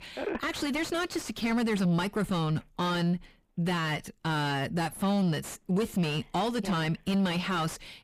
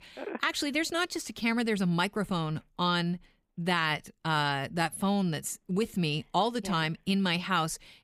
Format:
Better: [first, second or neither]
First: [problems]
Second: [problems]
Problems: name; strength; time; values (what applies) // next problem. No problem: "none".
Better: second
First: distortion; heavy; 6 dB below the speech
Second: none